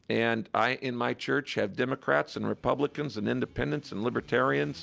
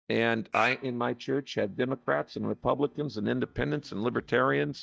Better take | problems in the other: first | noise reduction (neural mask model DeepFilterNet 3)

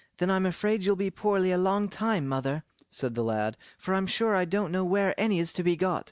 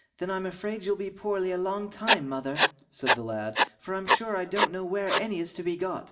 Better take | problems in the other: first | background sound (Writing); 3 dB above the speech // room echo; dies away in 0.6 s

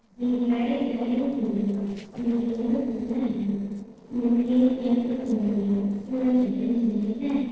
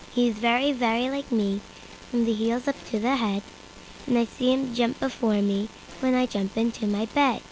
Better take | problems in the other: second | noise reduction (neural separator model SepFormer DNS4)

